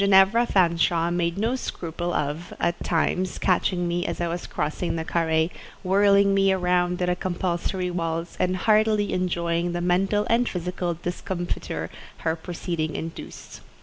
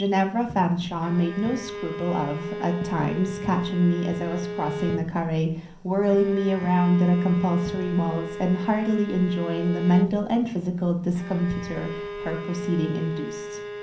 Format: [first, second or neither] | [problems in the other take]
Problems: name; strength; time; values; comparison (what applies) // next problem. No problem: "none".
first | background sound (Bowed string instrument); 11 dB below the speech // room echo; dies away in 0.6 s